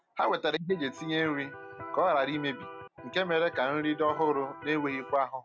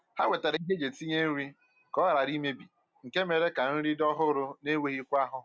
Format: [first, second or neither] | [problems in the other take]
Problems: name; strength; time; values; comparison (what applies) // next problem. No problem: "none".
second | background sound (Electric guitar); 14 dB below the speech